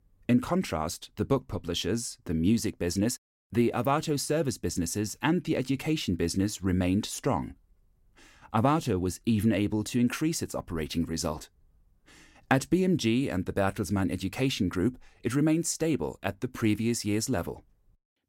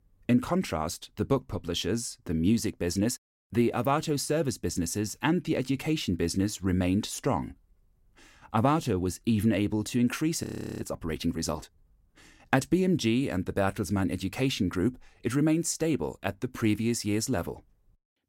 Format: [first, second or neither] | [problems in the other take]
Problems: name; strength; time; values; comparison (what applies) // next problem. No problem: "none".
first | audio freezing; at 10 s